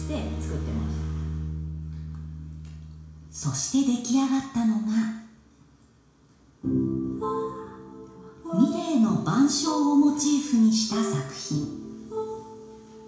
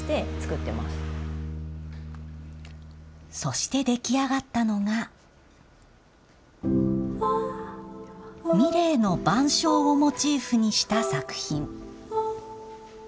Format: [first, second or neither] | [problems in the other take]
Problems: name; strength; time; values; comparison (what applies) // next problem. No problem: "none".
second | room echo; dies away in 0.7 s